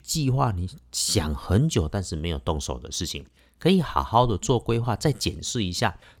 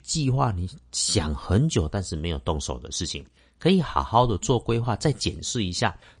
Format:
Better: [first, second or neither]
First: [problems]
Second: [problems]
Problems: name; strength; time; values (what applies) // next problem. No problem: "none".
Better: first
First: none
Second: garbled, watery; slightly; nothing above 9 kHz